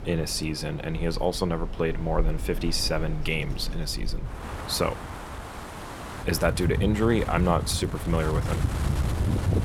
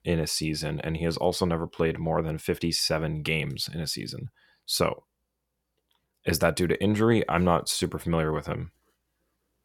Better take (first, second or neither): second